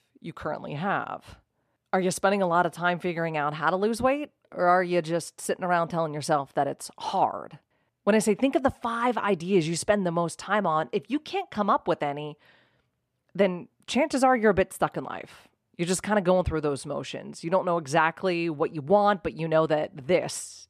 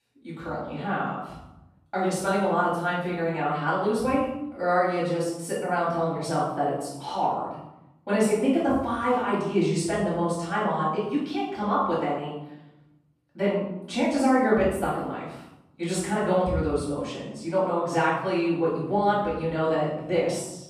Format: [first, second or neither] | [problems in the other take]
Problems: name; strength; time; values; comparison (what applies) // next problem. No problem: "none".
first | off-mic speech; far // room echo; noticeable; dies away in 0.8 s